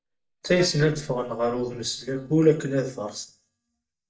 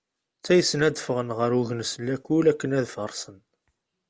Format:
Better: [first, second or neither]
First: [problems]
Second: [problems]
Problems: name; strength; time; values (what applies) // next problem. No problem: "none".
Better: second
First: noise reduction (neural mask model DeepFilterNet 3)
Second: none